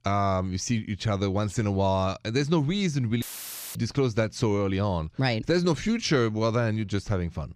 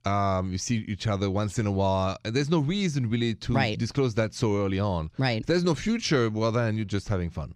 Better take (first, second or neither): second